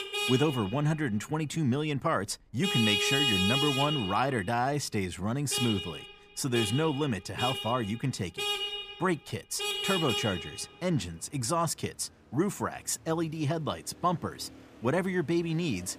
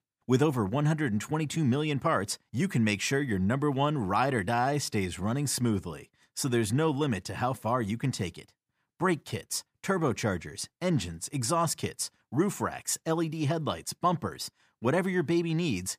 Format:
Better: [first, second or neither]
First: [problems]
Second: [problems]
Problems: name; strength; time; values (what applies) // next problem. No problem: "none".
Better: second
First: traffic noise; loud; throughout; as loud as the speech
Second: none